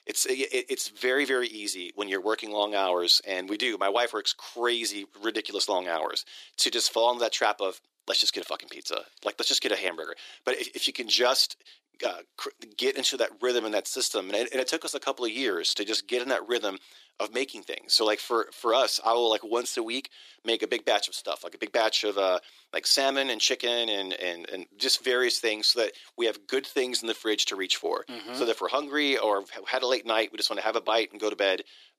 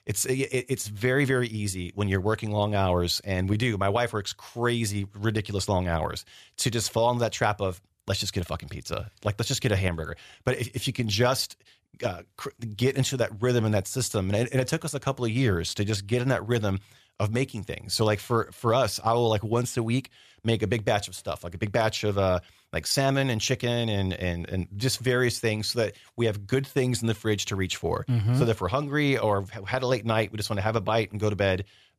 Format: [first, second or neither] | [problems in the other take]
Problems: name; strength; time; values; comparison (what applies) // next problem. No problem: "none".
second | thin; very; fading below 300 Hz